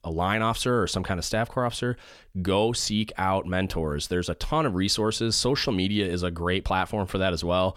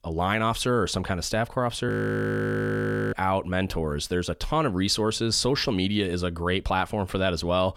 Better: first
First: none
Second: audio freezing; at 2 s for 1 s

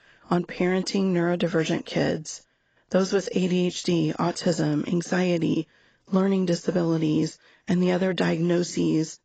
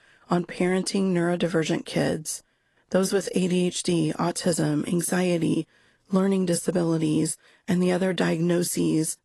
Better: second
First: garbled, watery; badly; nothing above 7.5 kHz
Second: garbled, watery; slightly; nothing above 11.5 kHz

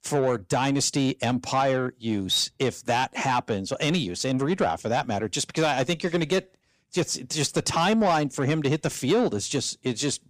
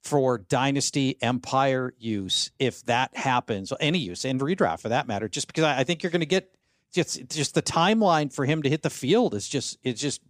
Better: second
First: distortion; slight; 10 dB below the speech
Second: none

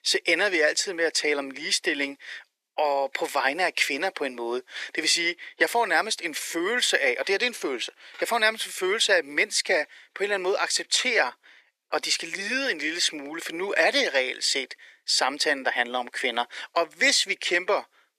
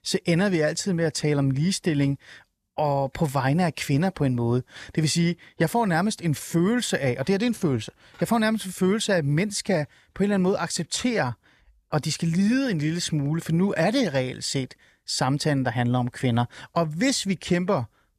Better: second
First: thin; very; fading below 350 Hz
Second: none

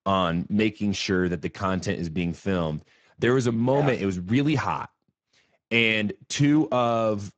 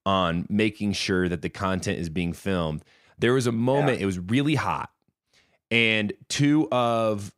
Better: second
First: garbled, watery; badly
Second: none

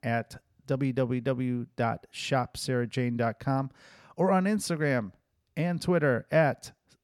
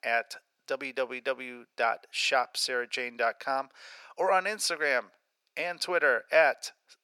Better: first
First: none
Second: thin; very; fading below 550 Hz

